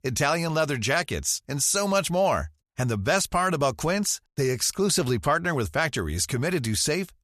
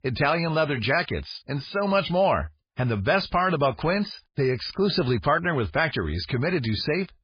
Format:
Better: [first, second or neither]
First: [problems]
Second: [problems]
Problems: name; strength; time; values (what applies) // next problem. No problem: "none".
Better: first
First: none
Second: garbled, watery; badly; nothing above 5 kHz